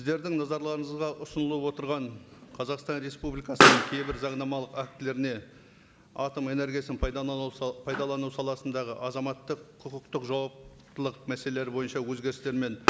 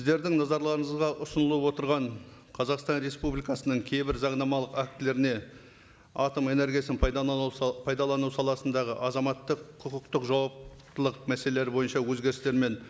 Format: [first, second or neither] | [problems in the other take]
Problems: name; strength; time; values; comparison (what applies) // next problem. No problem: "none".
second | background sound (Explosion); 1 dB above the speech